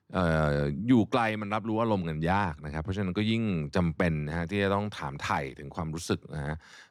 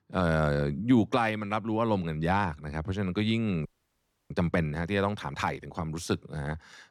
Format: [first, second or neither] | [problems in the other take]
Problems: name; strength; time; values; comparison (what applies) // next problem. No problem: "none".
first | audio freezing; at 3.5 s for 0.5 s